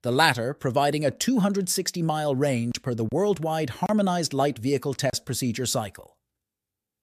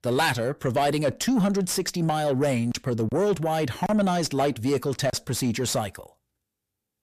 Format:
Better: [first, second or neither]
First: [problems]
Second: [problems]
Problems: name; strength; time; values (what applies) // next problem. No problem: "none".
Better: first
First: none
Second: distortion; slight; 10 dB below the speech